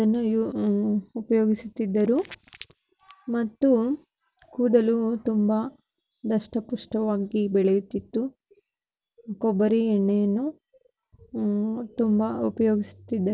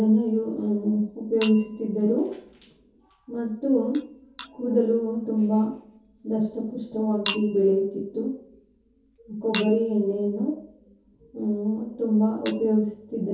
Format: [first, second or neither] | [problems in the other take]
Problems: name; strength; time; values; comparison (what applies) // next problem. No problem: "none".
first | background sound (Chink, clink); 18 dB below the speech // room echo; dies away in 0.6 s